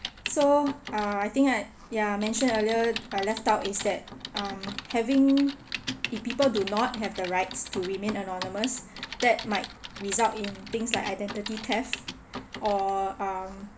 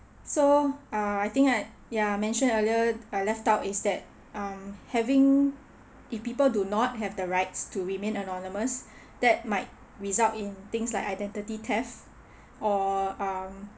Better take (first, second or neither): second